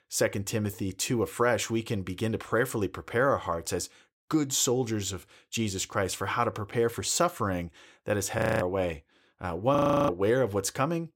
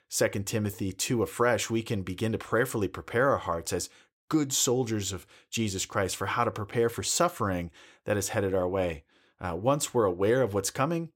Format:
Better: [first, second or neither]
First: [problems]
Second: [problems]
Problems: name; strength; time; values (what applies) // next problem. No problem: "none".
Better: second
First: audio freezing; at 8.5 s and at 10 s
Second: none